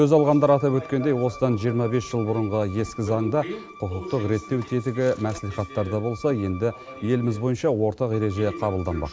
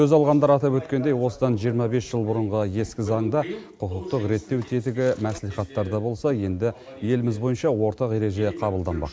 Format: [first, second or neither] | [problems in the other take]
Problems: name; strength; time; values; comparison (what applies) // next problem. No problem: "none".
second | background sound (Bowed string instrument); 20 dB below the speech